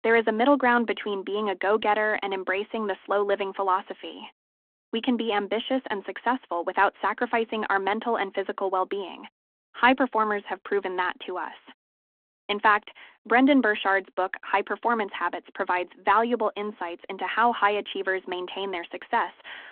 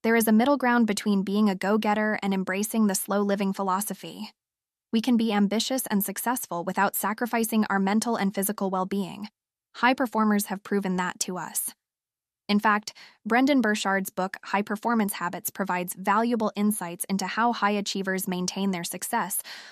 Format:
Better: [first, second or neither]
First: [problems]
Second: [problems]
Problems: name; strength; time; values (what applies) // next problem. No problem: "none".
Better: second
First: phone-call audio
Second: none